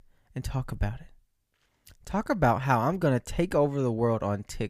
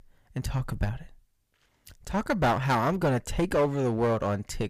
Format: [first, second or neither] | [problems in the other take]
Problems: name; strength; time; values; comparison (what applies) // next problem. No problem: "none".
first | distortion; heavy; 8% of the sound clipped